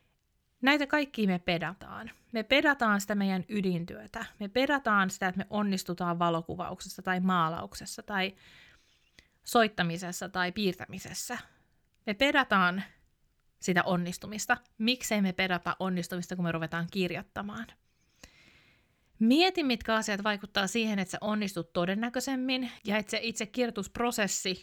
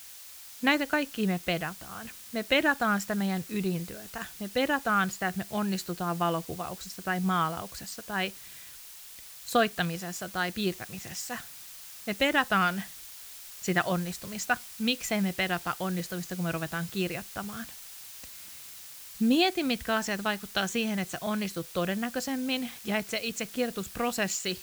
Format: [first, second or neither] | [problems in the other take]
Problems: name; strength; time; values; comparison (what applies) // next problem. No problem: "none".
first | hiss; noticeable; throughout; 15 dB below the speech